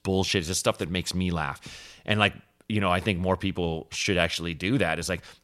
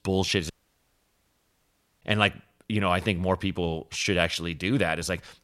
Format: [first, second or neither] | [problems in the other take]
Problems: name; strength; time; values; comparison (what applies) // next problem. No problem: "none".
first | audio cutting out; at 0.5 s for 1.5 s